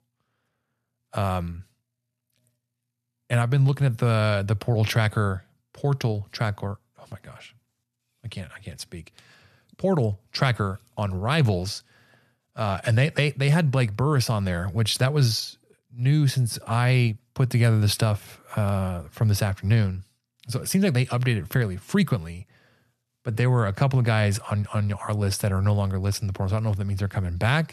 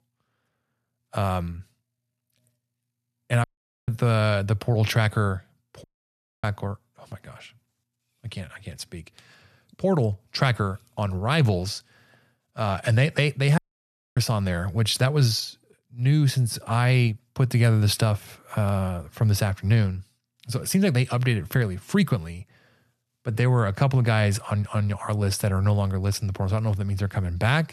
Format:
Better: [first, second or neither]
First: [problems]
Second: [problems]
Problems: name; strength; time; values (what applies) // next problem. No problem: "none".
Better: first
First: none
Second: audio cutting out; at 3.5 s, at 6 s for 0.5 s and at 14 s for 0.5 s